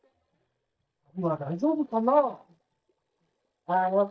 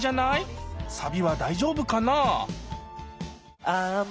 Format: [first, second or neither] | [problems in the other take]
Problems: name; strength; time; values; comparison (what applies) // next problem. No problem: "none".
second | noise reduction (neural mask model DeepFilterNet 3)